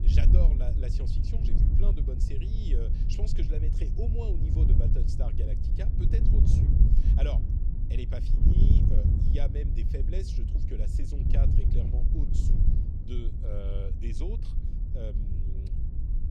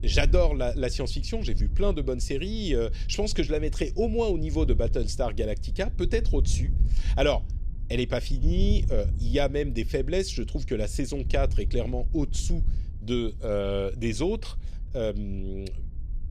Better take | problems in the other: second | wind noise on the microphone; heavy; as loud as the speech; occasional gusts in the second

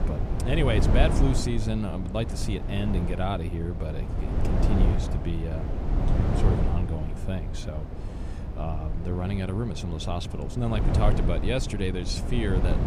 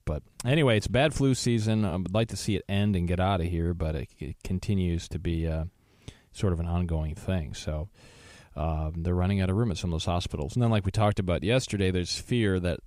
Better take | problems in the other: second | low rumble; loud; throughout; 4 dB below the speech

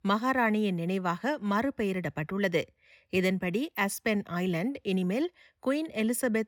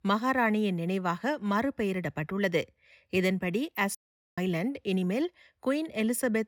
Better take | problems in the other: first | audio cutting out; at 4 s

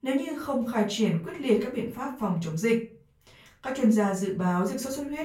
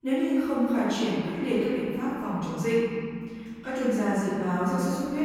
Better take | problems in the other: first | room echo; strong; dies away in 2.3 s; slight in the first // off-mic speech; far; far in the first

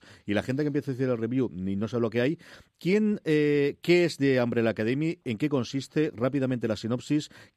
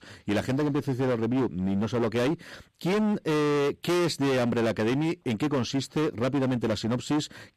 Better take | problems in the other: first | distortion; heavy; 25% of the sound clipped

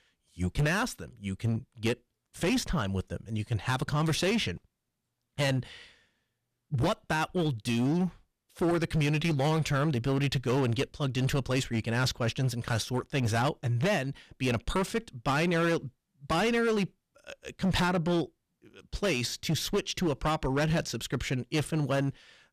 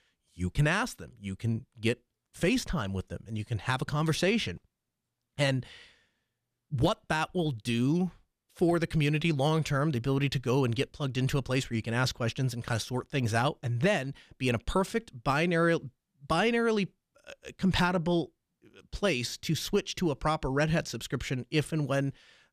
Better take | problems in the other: second | distortion; slight; 11% of the sound clipped

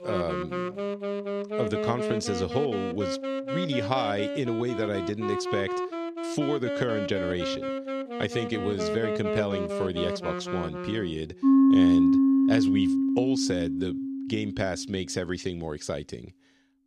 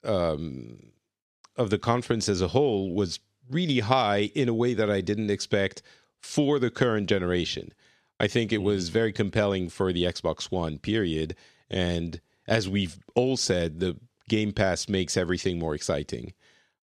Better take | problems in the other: second | background music; very loud; throughout; 3 dB above the speech

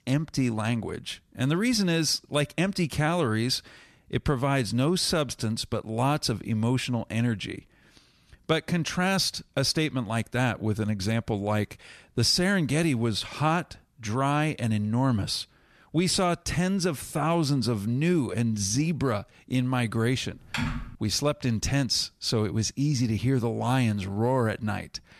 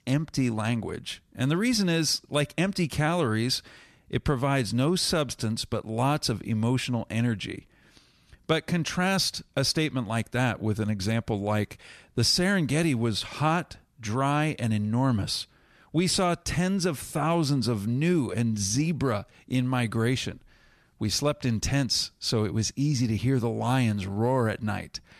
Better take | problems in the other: second | keyboard typing; noticeable; at 21 s; peak 4 dB below the speech

